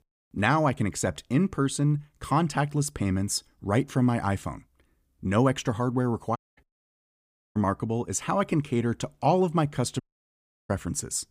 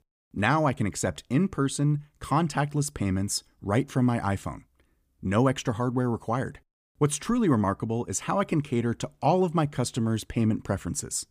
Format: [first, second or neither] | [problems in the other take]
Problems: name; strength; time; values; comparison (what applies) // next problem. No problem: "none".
second | audio cutting out; at 6.5 s, at 7 s for 0.5 s and at 10 s for 0.5 s